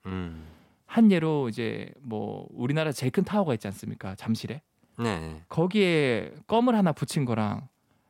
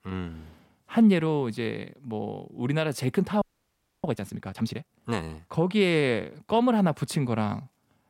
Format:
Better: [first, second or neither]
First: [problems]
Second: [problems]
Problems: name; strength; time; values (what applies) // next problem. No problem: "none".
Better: first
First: none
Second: audio freezing; at 3.5 s for 0.5 s